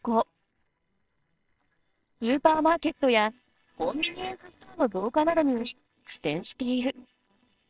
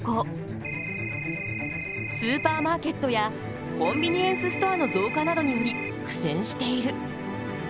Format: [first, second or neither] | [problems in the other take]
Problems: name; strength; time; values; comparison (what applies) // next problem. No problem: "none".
second | noise reduction (neural separator model SepFormer WHAMR!)